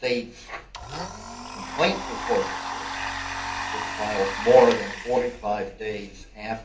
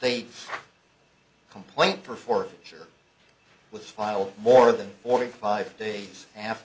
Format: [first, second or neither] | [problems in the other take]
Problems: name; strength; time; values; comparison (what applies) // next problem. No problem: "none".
second | background sound (Domestic sounds, home sounds); 8 dB below the speech // room echo; dies away in 0.3 s